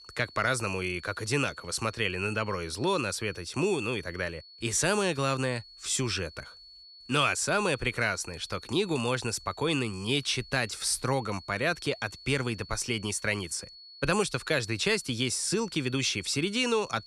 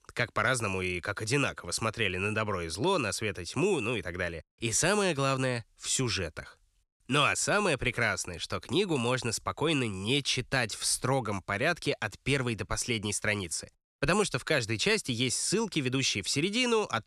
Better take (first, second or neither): second